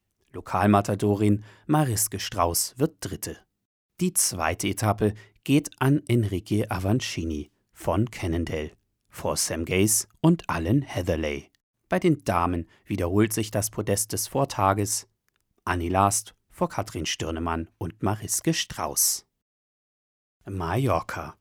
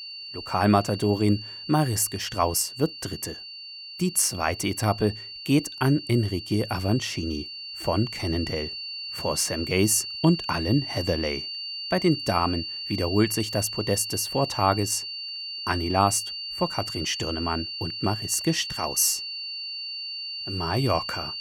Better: first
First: none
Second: high-pitched whine; loud; throughout; 4.5 kHz, 7 dB below the speech

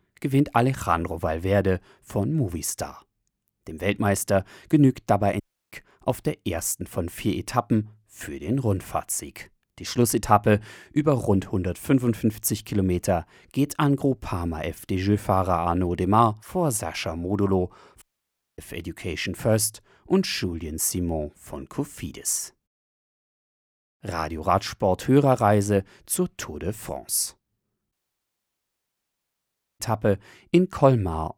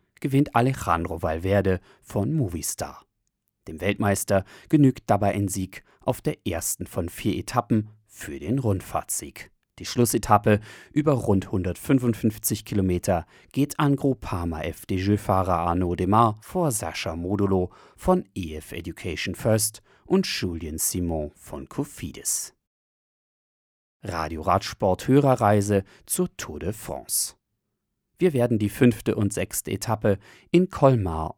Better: second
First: audio cutting out; at 5.5 s, at 18 s for 0.5 s and at 28 s for 2 s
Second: none

